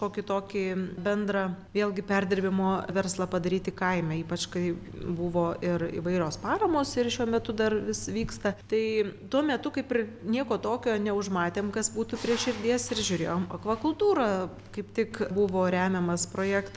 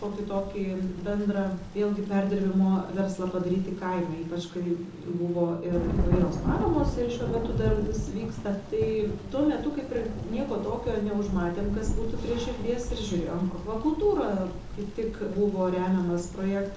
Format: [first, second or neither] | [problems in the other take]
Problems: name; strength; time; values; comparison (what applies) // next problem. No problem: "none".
first | background sound (Thunder / Rain); 6 dB below the speech // room echo; dies away in 1 s